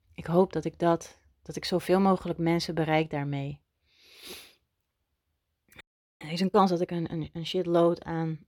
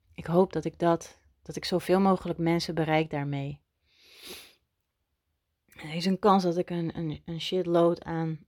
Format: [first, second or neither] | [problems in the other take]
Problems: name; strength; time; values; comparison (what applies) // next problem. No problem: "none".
second | audio freezing; at 6 s